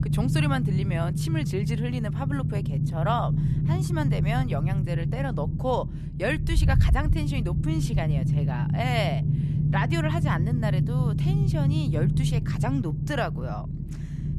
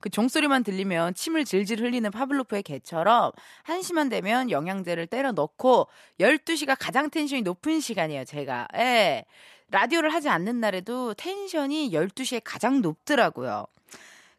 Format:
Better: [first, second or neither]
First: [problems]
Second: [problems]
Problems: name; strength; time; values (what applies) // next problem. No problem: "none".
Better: second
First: low rumble; loud; throughout; 5 dB below the speech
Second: none